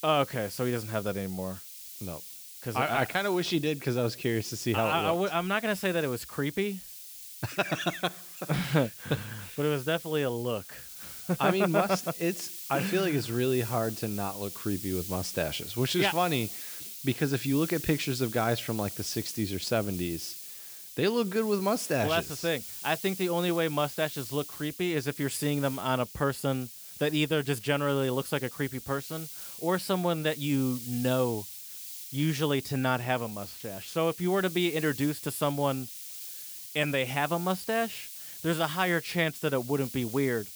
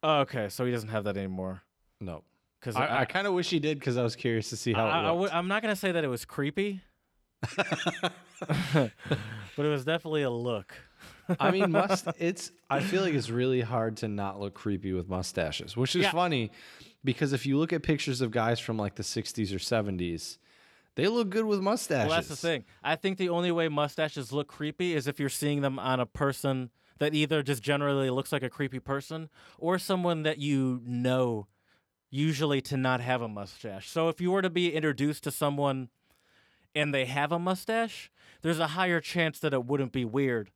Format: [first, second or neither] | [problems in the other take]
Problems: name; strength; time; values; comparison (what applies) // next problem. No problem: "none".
second | hiss; noticeable; throughout; 10 dB below the speech